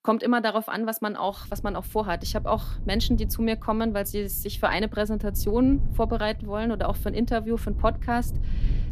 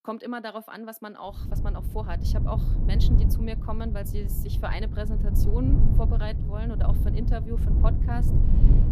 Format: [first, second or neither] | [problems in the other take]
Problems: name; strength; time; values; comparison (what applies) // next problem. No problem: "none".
first | low rumble; loud; from 1.5 s on; 4 dB below the speech; faint in the first